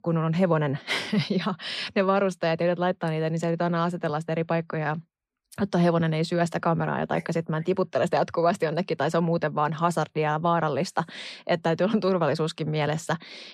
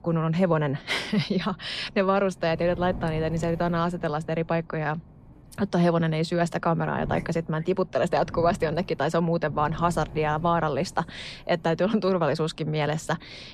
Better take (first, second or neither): first